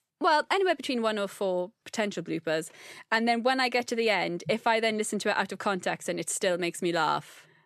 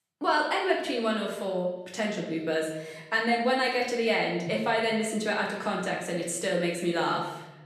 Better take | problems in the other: first | room echo; noticeable; dies away in 1 s // off-mic speech; far

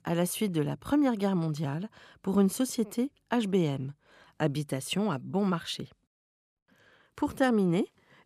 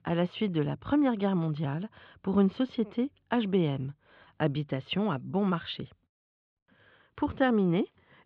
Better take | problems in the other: first | muffled; very; fading above 3.5 kHz

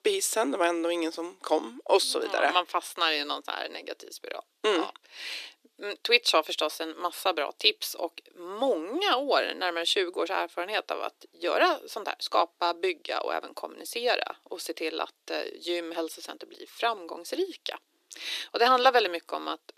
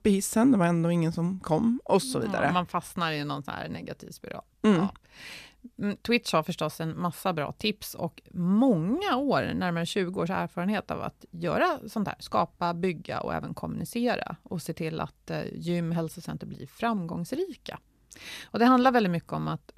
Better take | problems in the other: second | thin; very; fading below 300 Hz

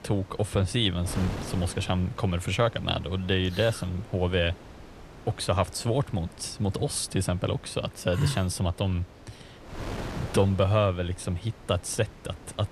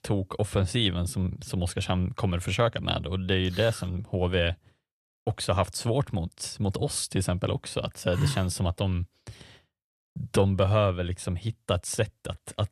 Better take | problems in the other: second | wind noise on the microphone; occasional gusts; 15 dB below the speech

